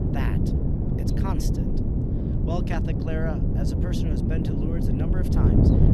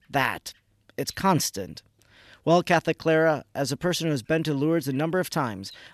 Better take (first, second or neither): second